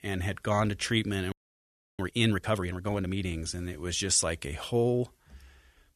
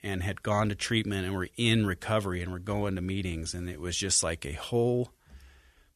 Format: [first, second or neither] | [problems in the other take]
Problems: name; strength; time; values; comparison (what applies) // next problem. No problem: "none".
second | audio freezing; at 1.5 s for 0.5 s